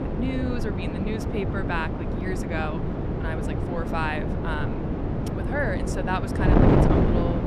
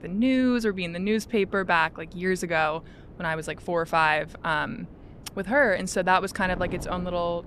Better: second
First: wind noise on the microphone; heavy; 1 dB above the speech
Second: wind noise on the microphone; occasional gusts; 25 dB below the speech

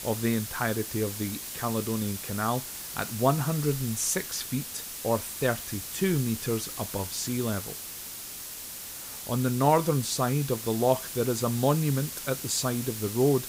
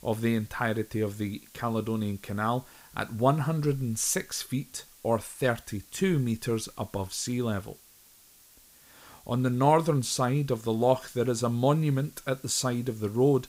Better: second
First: hiss; loud; throughout; 7 dB below the speech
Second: hiss; faint; throughout; 25 dB below the speech

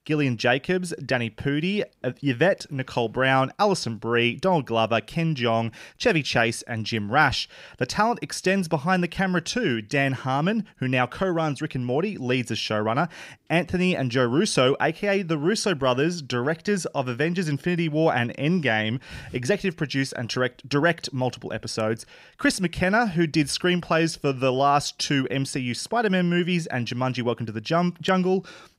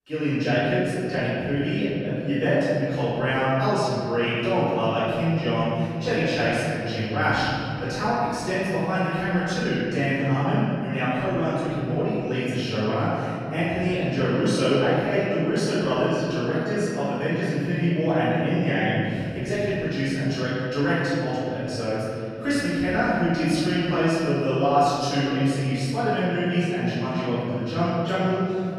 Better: first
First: none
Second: off-mic speech; far // room echo; strong; dies away in 2.9 s

